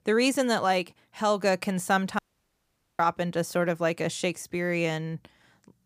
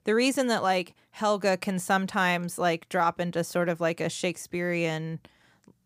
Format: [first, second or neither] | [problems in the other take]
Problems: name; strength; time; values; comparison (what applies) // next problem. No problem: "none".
second | audio cutting out; at 2 s for 1 s